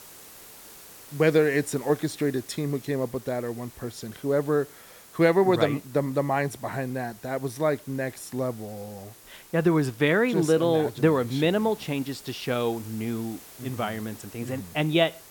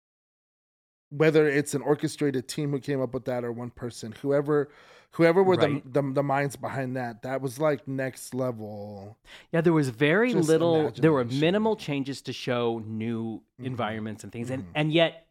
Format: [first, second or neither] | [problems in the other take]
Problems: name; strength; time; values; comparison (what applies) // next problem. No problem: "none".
second | hiss; faint; throughout; 20 dB below the speech